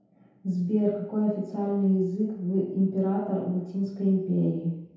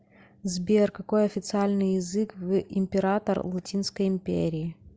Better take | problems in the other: second | room echo; dies away in 0.8 s

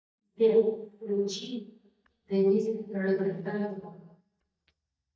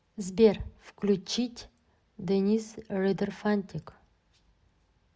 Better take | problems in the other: second | noise reduction (neural mask model DeepFilterNet 3)

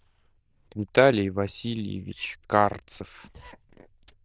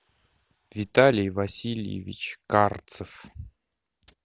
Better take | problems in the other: second | noise reduction (neural diffusion model UNIVERSE++)

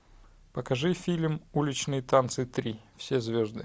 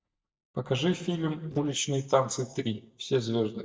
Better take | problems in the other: first | noise reduction (neural mask model DeepFilterNet 3)

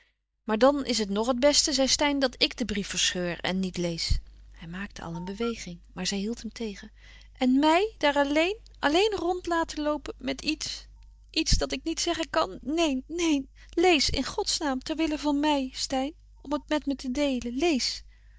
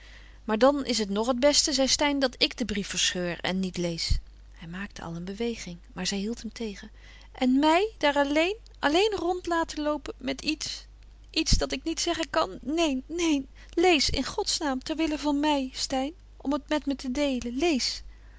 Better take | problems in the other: second | noise reduction (neural mask model DeepFilterNet 3)

